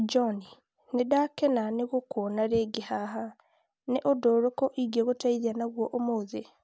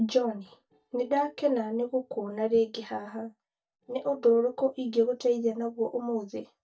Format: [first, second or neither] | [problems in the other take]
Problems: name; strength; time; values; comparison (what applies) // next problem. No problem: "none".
first | noise reduction (neural mask model DeepFilterNet 3)